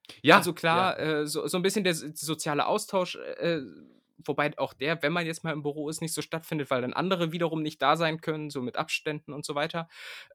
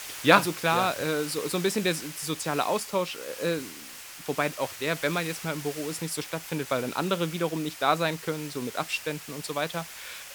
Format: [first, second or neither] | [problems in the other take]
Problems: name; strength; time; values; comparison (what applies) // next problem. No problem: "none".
first | hiss; noticeable; throughout; 10 dB below the speech